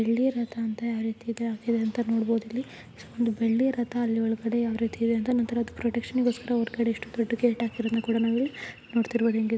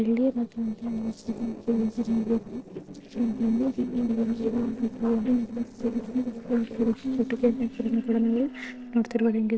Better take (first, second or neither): first